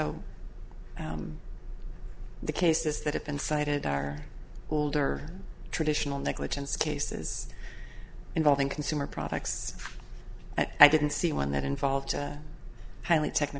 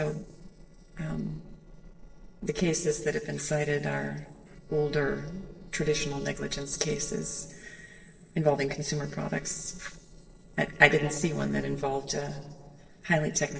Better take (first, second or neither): first